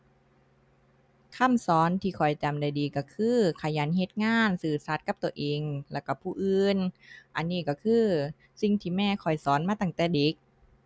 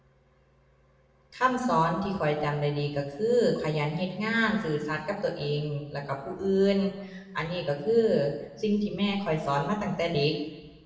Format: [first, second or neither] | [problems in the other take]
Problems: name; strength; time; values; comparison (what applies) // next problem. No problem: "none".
first | room echo; dies away in 0.9 s